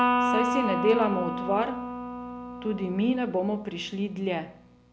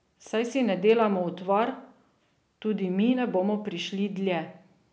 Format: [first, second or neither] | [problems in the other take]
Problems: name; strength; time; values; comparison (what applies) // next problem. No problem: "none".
second | background sound (Electric guitar); 2 dB below the speech